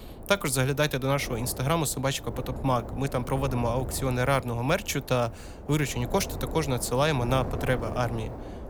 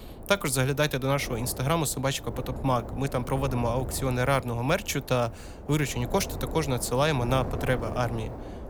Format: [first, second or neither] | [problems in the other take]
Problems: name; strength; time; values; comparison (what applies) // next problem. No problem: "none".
neither | wind noise on the microphone; occasional gusts; 15 dB below the speech; the same in both